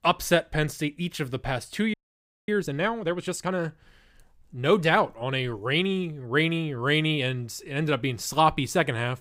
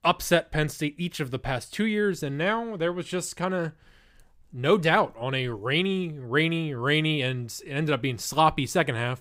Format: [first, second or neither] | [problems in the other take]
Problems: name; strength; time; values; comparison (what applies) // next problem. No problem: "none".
second | audio freezing; at 2 s for 0.5 s